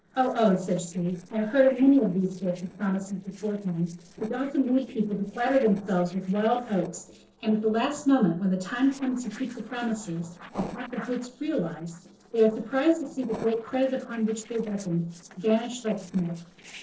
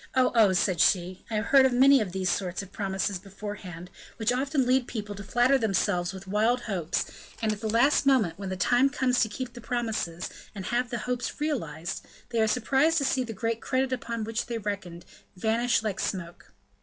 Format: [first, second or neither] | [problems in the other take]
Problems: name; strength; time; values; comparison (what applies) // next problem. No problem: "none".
second | noise reduction (neural separator model SepFormer DNS4)